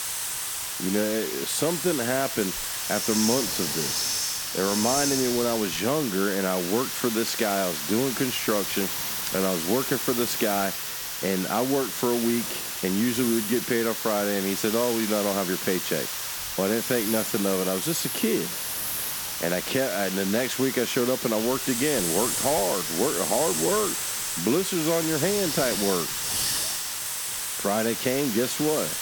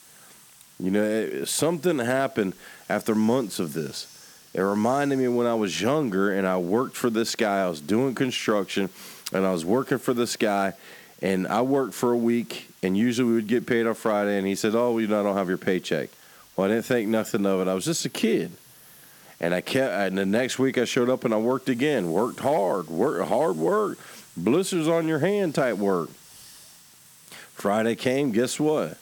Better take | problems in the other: second | hiss; loud; throughout; 1 dB below the speech; faint in the second

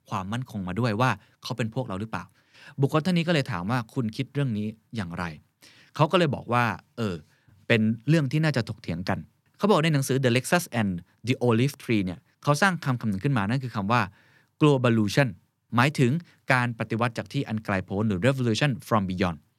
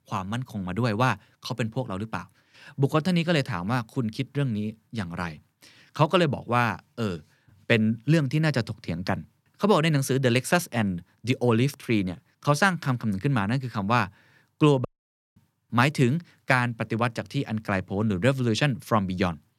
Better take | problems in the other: first | audio cutting out; at 15 s for 0.5 s

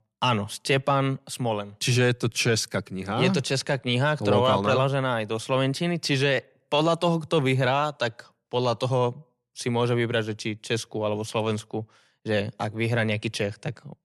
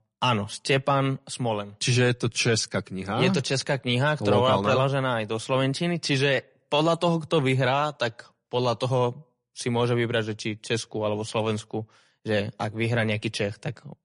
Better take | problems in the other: first | garbled, watery; slightly; nothing above 10.5 kHz

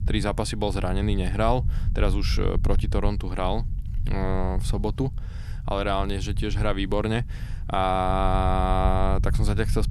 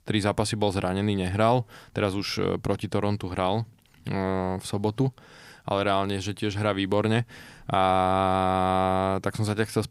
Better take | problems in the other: second | low rumble; noticeable; throughout; 20 dB below the speech

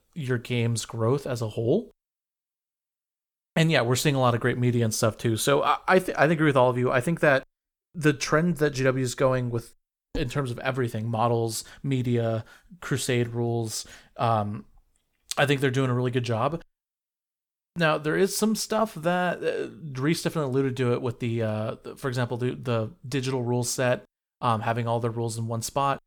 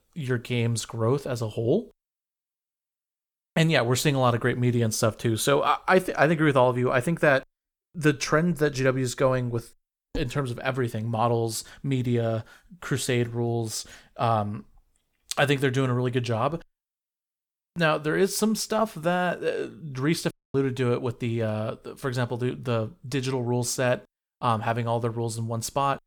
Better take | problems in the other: first | audio cutting out; at 20 s

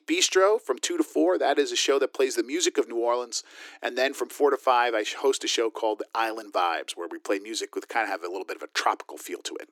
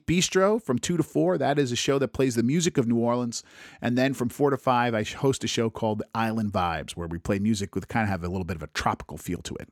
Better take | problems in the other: second | thin; very; fading below 300 Hz

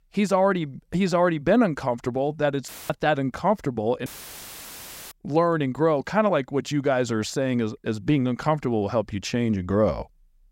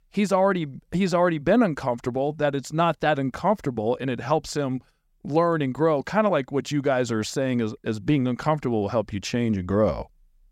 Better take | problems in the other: second | audio cutting out; filled with static; at 2.5 s and at 4 s for 1 s

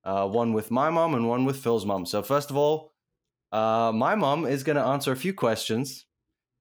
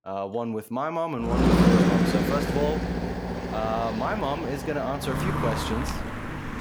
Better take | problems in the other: first | traffic noise; very loud; from 1.5 s on; 4 dB above the speech

